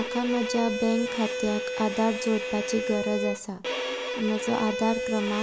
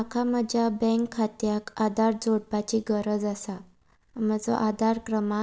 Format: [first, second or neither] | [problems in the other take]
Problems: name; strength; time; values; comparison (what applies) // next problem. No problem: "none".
second | background sound (Bowed string instrument); 3 dB below the speech